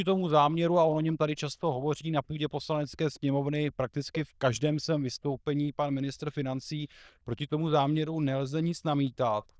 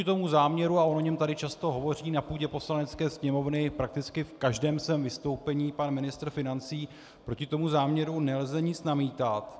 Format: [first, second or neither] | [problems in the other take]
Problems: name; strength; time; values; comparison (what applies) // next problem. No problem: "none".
second | noise reduction (neural diffusion model UNIVERSE++)